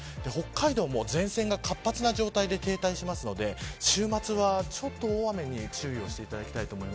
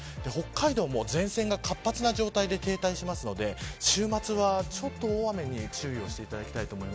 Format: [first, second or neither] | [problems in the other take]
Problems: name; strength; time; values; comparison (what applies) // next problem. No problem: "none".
first | background sound (Bass guitar); 16 dB below the speech